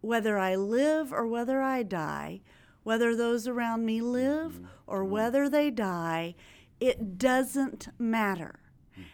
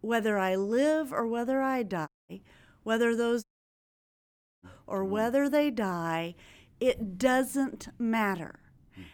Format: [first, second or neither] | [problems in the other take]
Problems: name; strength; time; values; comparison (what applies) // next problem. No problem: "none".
first | audio cutting out; at 2 s and at 3.5 s for 1 s